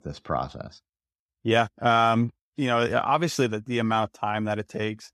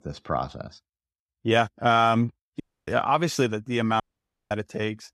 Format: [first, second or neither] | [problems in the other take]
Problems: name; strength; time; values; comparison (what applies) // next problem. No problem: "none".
first | audio cutting out; at 2.5 s and at 4 s for 0.5 s